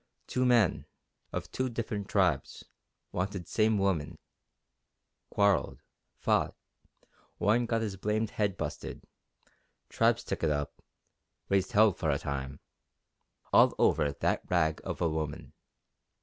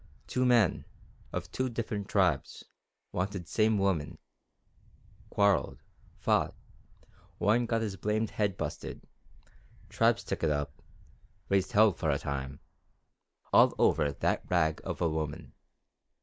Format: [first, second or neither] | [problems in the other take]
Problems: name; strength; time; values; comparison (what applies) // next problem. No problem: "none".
first | noise reduction (neural mask model Resemble Enhance denoiser)